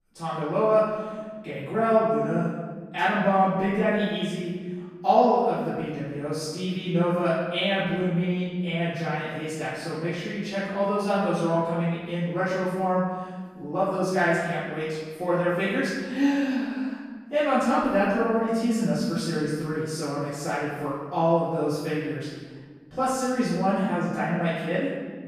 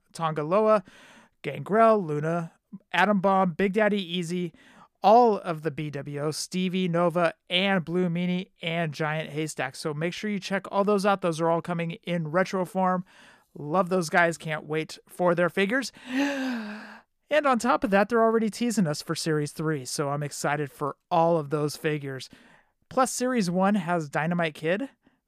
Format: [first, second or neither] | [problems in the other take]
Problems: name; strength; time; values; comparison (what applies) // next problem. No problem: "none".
second | off-mic speech; far // room echo; strong; dies away in 1.4 s